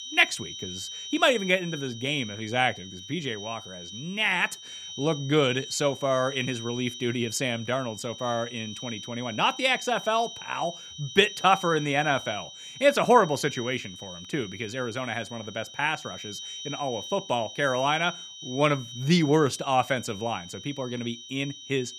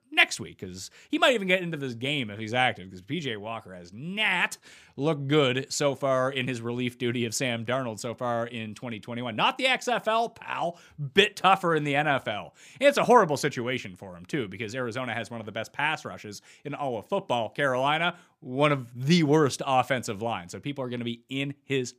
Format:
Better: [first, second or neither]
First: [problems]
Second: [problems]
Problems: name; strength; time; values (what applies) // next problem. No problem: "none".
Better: second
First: high-pitched whine; noticeable; throughout; 3 kHz, 10 dB below the speech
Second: none